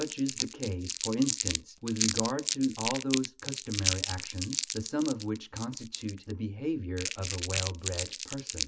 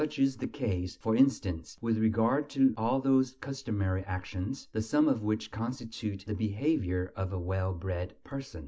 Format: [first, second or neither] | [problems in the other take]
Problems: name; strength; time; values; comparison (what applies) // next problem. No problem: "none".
second | background sound (Crumpling, crinkling); 2 dB below the speech